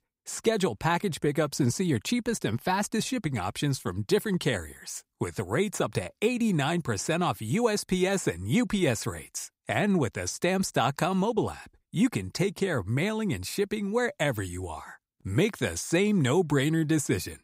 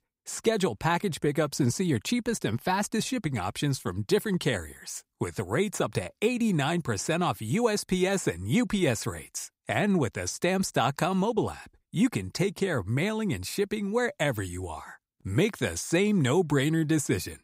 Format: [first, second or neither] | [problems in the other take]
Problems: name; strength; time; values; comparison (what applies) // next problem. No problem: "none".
neither | none